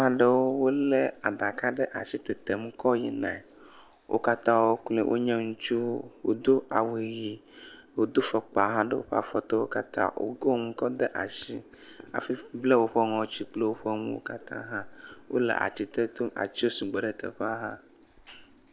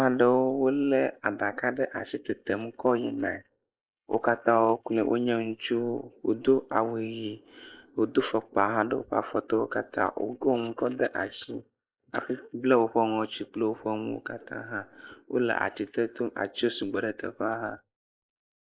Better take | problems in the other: first | noise reduction (neural mask model Resemble Enhance denoiser)

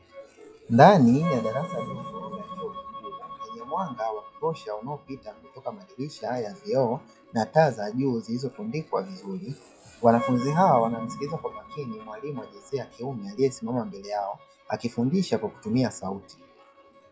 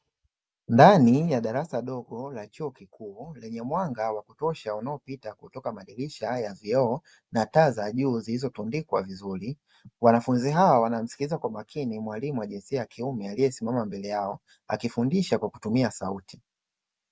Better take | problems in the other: second | noise reduction (classical method log-MMSE)

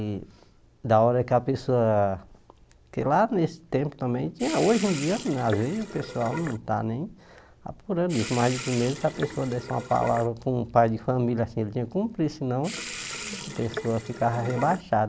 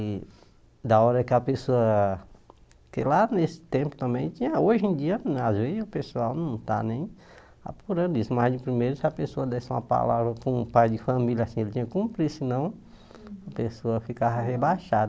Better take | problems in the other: second | background sound (Sink (filling or washing) / Water tap, faucet); 11 dB below the speech

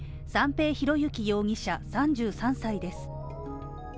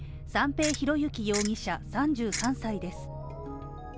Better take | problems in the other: first | background sound (Ratchet, pawl); 6 dB below the speech

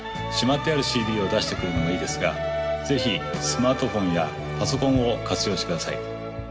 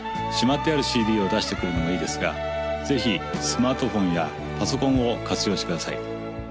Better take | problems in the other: second | background sound (Bowed string instrument); 18 dB below the speech // room echo; dies away in 0.6 s

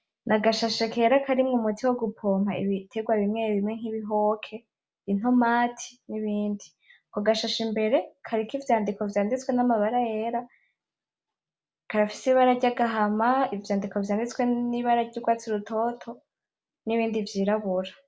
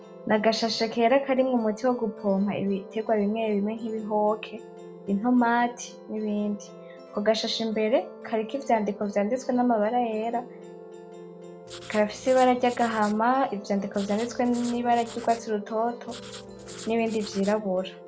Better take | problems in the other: first | background sound (Writing + Musical instrument); 16 dB below the speech

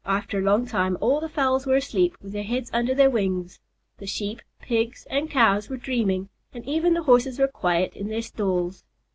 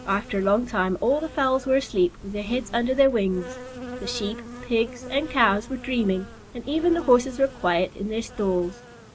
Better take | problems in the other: first | background sound (Insect); 16 dB below the speech

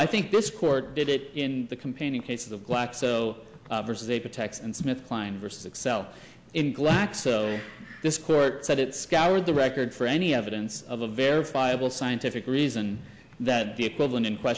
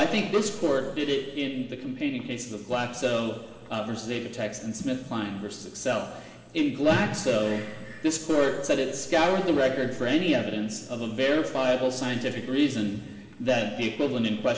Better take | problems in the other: first | room echo; dies away in 2.3 s

